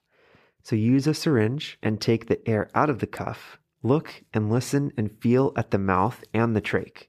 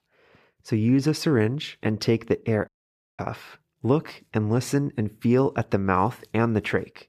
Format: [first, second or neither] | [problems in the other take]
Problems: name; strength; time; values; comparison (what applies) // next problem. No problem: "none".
first | audio cutting out; at 2.5 s for 0.5 s